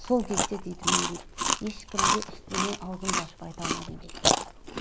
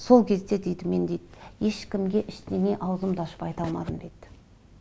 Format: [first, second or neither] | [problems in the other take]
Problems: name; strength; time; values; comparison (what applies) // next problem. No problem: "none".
second | background sound (Chewing, mastication); 5 dB above the speech